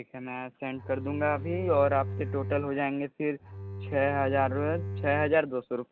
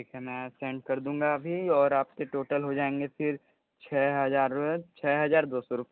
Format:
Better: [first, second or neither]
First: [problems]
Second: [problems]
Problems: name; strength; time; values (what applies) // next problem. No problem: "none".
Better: second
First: background sound (Bowed string instrument); 7 dB below the speech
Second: none